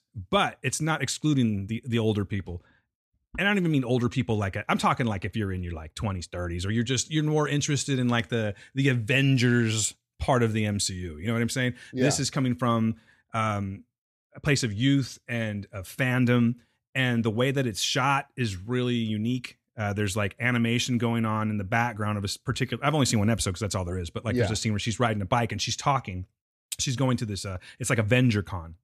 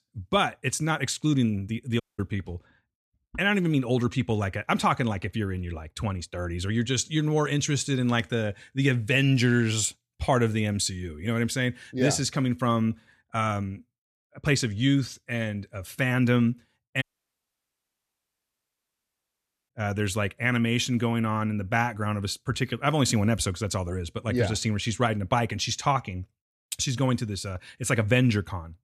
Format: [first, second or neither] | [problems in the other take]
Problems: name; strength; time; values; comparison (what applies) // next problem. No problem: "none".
first | audio cutting out; at 2 s and at 17 s for 2.5 s